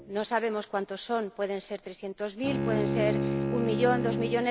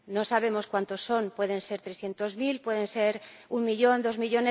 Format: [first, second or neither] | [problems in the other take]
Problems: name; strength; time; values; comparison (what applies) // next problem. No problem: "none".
second | background sound (Bowed string instrument); 2 dB below the speech